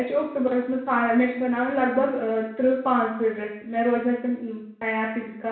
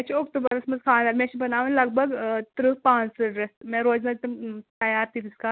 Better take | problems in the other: second | room echo; dies away in 0.7 s

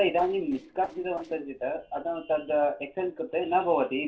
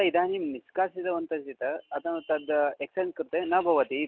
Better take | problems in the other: second | noise reduction (neural separator model SepFormer DNS4)

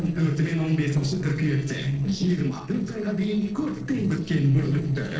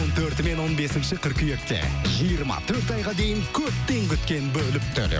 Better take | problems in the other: second | noise reduction (neural separator model SepFormer DNS4)

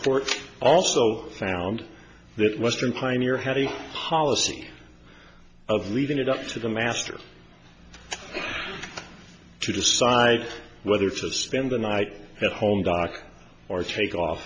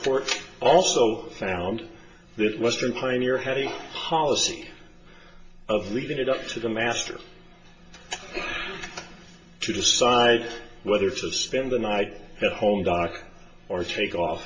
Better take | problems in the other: first | room echo; dies away in 0.2 s

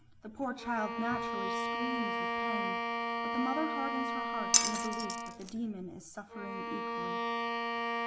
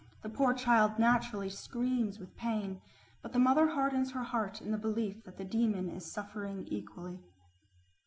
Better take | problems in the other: second | background sound (Glass + Bowed string instrument); 5 dB above the speech

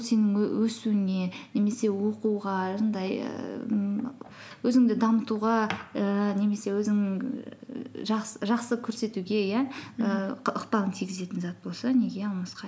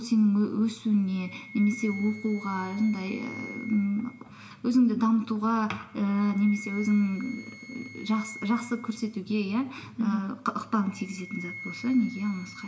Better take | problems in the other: first | background sound (Wind instrument, woodwind instrument); 18 dB below the speech // room echo; dies away in 1.4 s

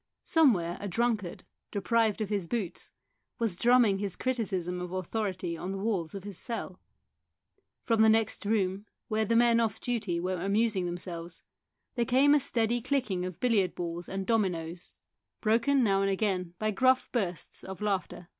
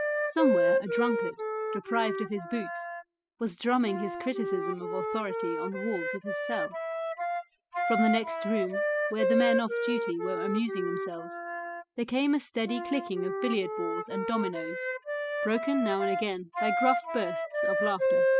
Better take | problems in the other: first | noise reduction (classical method spectral subtraction)

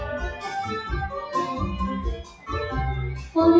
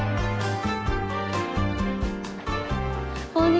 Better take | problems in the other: second | noise reduction (classical method WPE with log-MMSE)

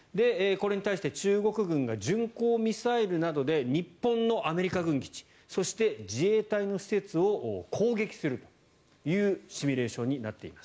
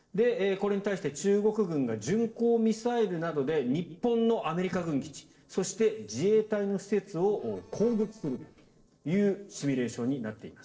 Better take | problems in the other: first | noise reduction (neural separator model SepFormer DNS4)

